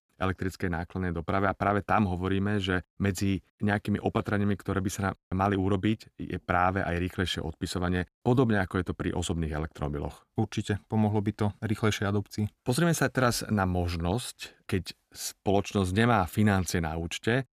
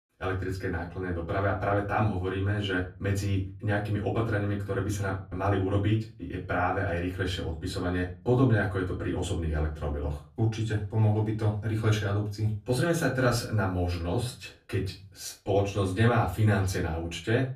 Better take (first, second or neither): first